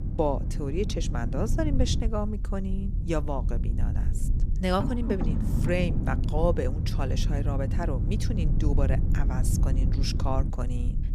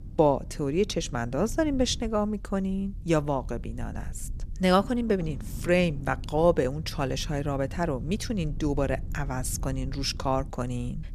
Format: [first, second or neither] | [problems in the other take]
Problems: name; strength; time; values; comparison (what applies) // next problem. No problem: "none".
second | low rumble; loud; throughout; 9 dB below the speech; faint in the second